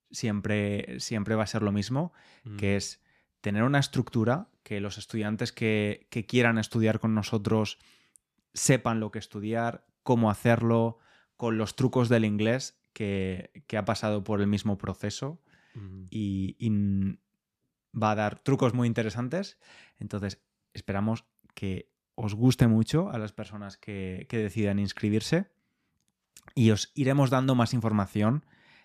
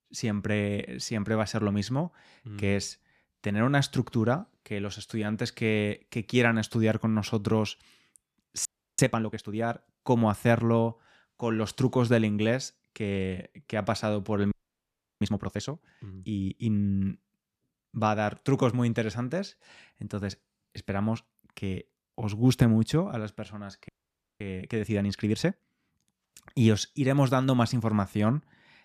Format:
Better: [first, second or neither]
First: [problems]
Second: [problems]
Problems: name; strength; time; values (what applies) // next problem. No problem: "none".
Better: first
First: none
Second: audio freezing; at 8.5 s, at 15 s for 0.5 s and at 24 s for 0.5 s